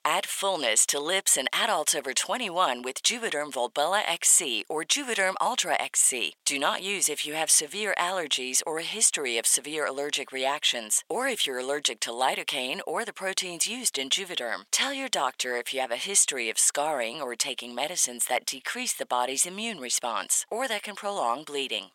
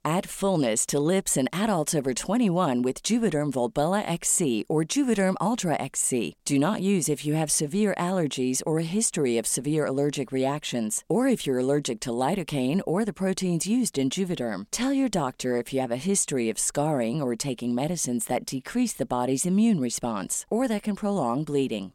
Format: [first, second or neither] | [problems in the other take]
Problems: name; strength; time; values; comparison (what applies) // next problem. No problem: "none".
second | thin; very; fading below 800 Hz